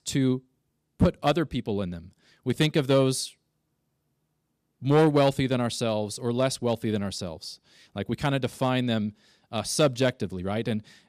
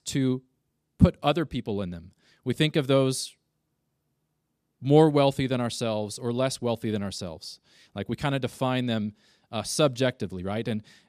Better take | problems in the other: second | distortion; slight; 1.3% of the sound clipped

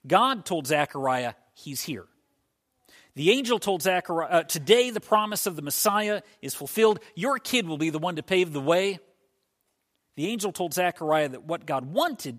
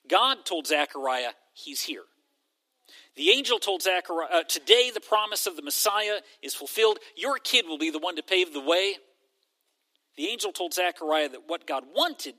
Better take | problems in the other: first | thin; somewhat; fading below 300 Hz

